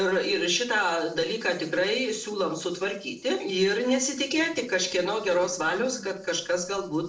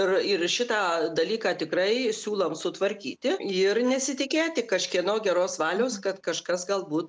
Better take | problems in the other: second | noise reduction (neural separator model SepFormer DNS4)

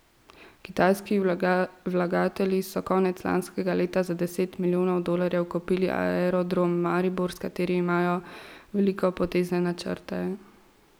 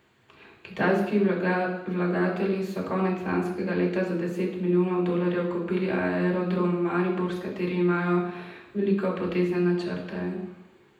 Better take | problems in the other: first | room echo; dies away in 0.9 s

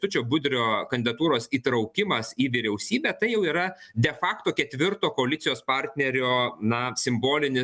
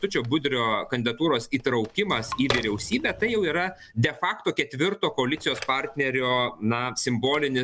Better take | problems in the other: first | background sound (Telephone + Raindrop); 15 dB below the speech

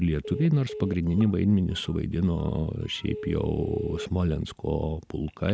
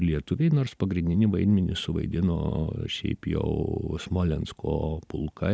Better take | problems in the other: second | background sound (Telephone); 14 dB below the speech

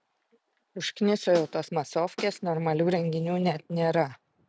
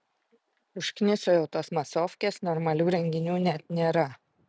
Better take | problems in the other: second | background sound (Snare drum); 14 dB below the speech

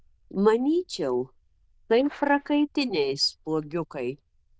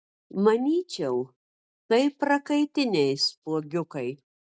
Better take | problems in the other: second | noise reduction (neural diffusion model UNIVERSE++)

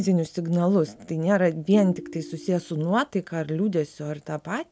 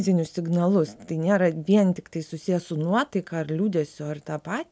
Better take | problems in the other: second | background sound (Ringtone); 16 dB below the speech

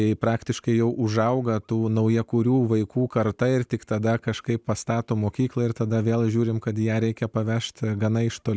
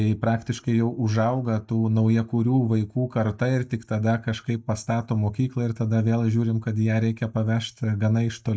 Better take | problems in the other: first | noise reduction (neural mask model DeepFilterNet 3)

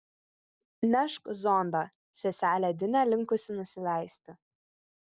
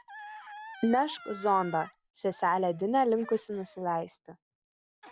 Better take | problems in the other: first | background sound (Gasp); 18 dB below the speech

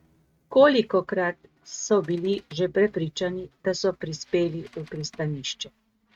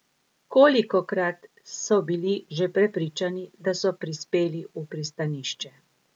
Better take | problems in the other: second | noise reduction (neural mask model RNNoise)

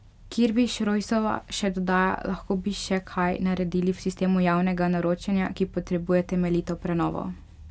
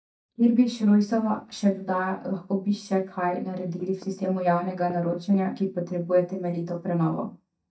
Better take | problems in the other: first | noise reduction (neural mask model DeepFilterNet 3)

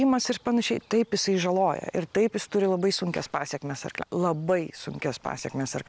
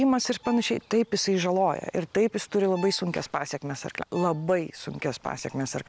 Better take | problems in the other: first | background sound (Bowed string instrument); 20 dB below the speech

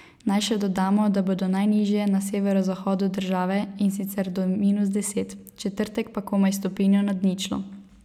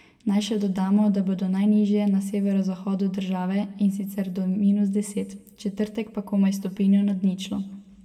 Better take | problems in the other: first | room echo; dies away in 0.9 s

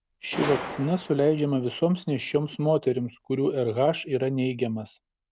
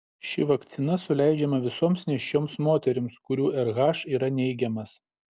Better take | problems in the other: second | background sound (Gunshot, gunfire); 15 dB below the speech

